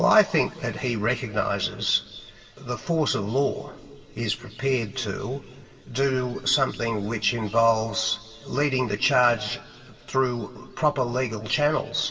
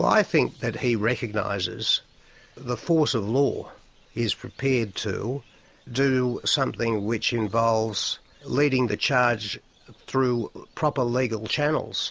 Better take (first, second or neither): second